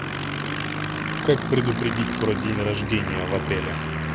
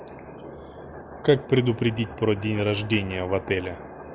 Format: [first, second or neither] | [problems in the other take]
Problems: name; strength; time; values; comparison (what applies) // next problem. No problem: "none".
second | background sound (Aircraft); 1 dB below the speech